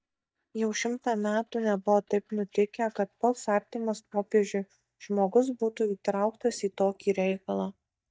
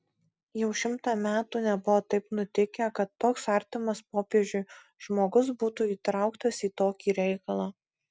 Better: second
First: noise reduction (neural mask model DeepFilterNet 3)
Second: none

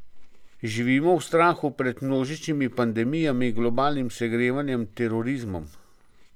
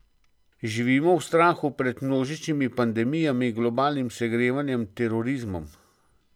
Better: second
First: background sound (Chewing, mastication); 10 dB below the speech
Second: none

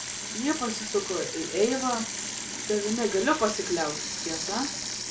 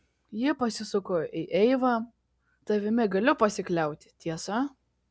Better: second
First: background sound (Sink (filling or washing) / Water tap, faucet); 4 dB below the speech // room echo; dies away in 0.3 s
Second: none

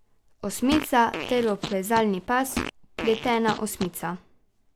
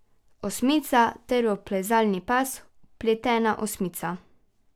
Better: second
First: background sound (Fart); 9 dB below the speech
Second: none

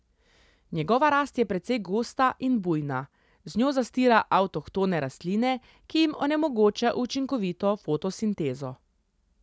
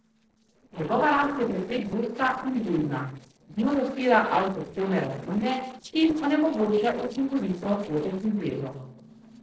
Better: first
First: none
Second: noise reduction (neural separator model SepFormer DNS4)

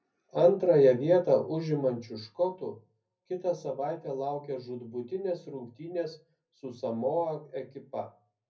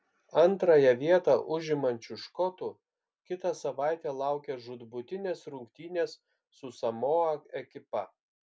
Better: second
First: room echo; dies away in 0.4 s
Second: none

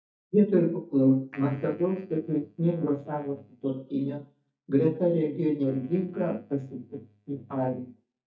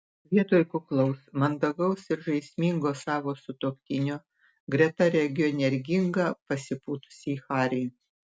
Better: second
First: noise reduction (neural mask model DeepFilterNet 3)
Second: none

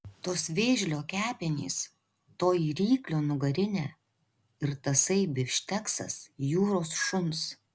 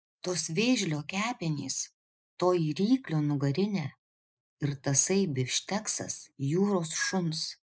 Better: first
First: none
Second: noise reduction (neural mask model Resemble Enhance denoiser)

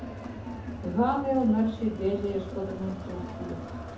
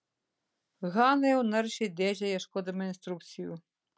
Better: second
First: background sound (Crowd); 8 dB below the speech // room echo; dies away in 0.5 s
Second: none

